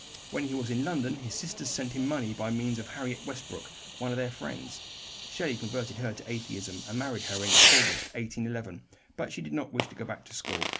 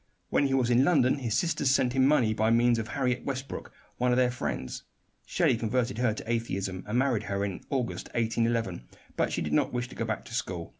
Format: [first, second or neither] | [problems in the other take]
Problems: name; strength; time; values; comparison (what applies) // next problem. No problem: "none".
second | background sound (Fireworks); 2 dB above the speech